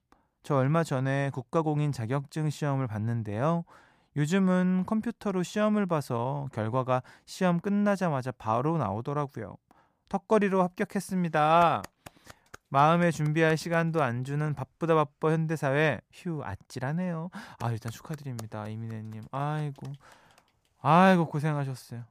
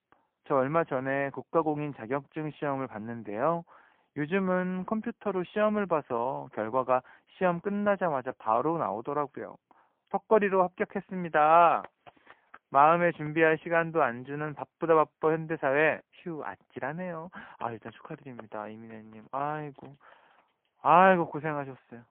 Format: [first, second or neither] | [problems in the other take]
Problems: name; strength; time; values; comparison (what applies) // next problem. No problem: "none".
first | phone-call audio; poor line